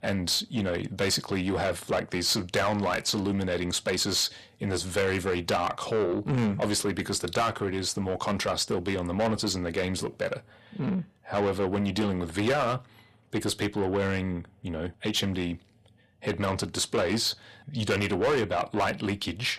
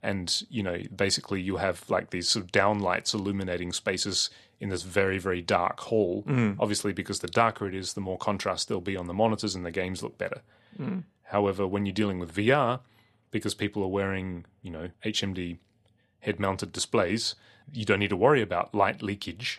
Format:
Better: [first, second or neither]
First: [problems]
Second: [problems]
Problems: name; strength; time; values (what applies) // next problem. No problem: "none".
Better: second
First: distortion; heavy; 6 dB below the speech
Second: none